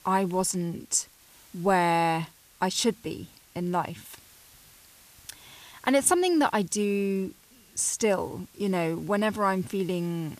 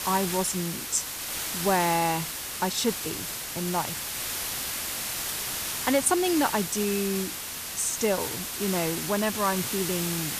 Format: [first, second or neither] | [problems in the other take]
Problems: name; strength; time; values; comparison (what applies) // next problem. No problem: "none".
first | hiss; loud; throughout; 2 dB below the speech; faint in the first